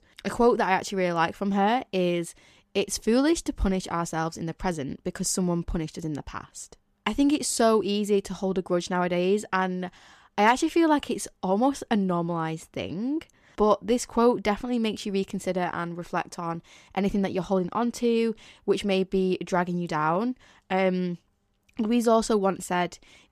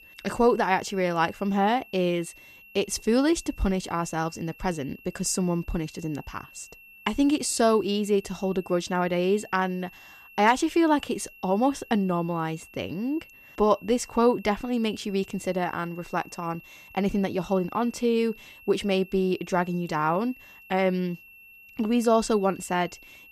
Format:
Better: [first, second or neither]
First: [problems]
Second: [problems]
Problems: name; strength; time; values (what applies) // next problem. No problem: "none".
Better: first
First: none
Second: high-pitched whine; faint; throughout; 2.5 kHz, 20 dB below the speech